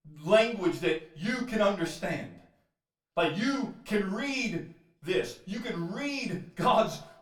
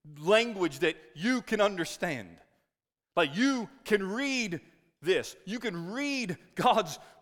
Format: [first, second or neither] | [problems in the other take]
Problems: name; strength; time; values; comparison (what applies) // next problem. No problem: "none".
second | room echo; very slight; dies away in 0.3 s // off-mic speech; far